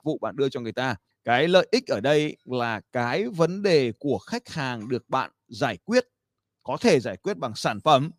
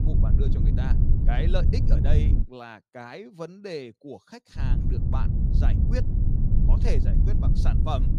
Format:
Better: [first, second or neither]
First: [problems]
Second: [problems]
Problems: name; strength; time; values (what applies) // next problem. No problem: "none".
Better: first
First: none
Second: low rumble; loud; until 2.5 s and from 4.5 s on; 1 dB below the speech